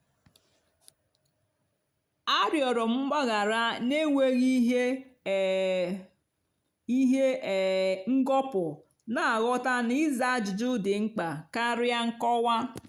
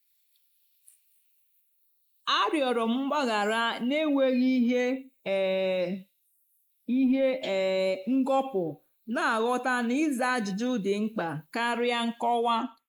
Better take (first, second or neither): first